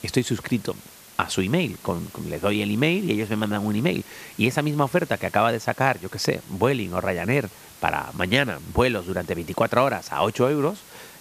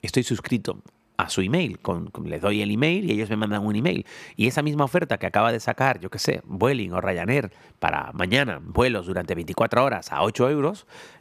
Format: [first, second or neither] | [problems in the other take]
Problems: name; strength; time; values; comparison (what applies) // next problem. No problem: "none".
second | hiss; faint; throughout; 20 dB below the speech